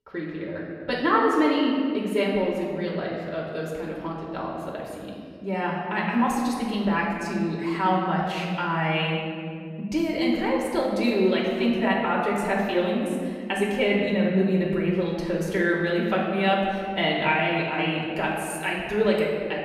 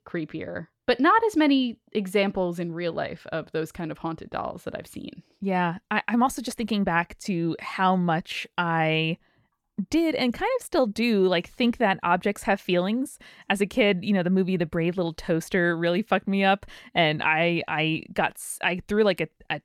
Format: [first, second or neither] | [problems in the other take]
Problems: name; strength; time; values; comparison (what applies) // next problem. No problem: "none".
second | room echo; noticeable; dies away in 1.9 s // off-mic speech; far